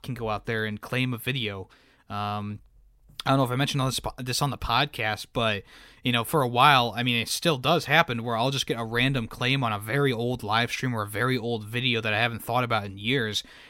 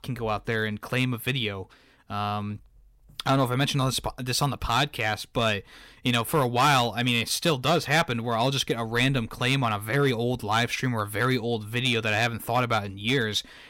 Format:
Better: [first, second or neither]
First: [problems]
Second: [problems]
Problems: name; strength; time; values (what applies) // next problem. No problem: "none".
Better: first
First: none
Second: distortion; slight; 2% of the sound clipped